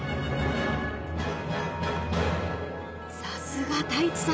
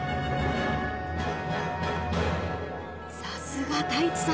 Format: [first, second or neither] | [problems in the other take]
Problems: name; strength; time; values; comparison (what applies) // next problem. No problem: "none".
first | background sound (Wind instrument, woodwind instrument); 7 dB below the speech